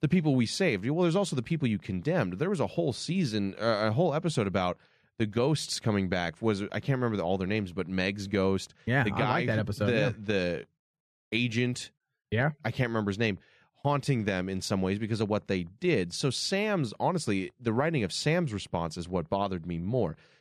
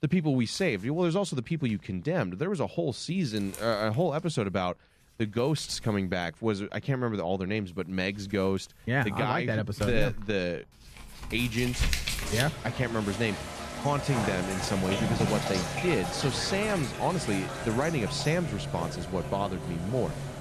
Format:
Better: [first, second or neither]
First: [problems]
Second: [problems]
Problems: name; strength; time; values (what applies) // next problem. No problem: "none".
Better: first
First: none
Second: household noises; loud; throughout; 4 dB below the speech